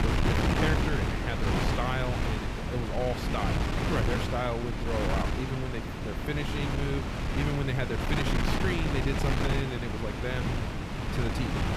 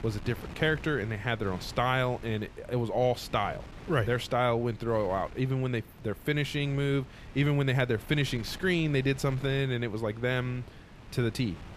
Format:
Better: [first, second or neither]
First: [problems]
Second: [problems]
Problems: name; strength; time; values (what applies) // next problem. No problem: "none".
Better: second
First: wind noise on the microphone; heavy; 2 dB above the speech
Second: wind noise on the microphone; occasional gusts; 20 dB below the speech